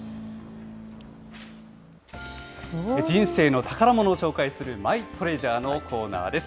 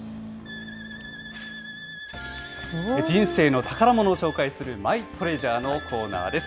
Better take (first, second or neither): first